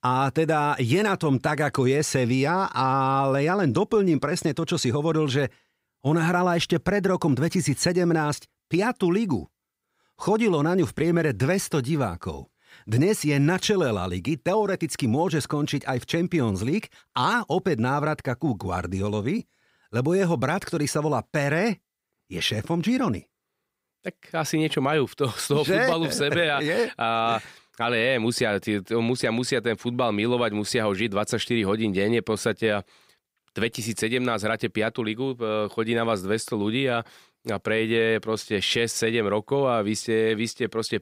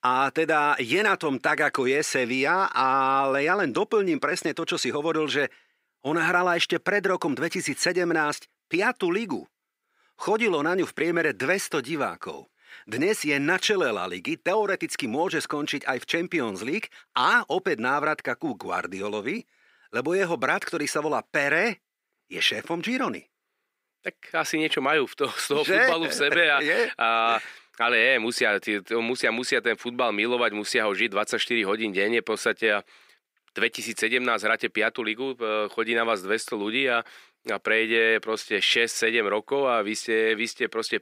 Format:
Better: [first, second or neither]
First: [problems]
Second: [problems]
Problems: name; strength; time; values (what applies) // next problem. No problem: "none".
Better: first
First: none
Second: thin; somewhat; fading below 350 Hz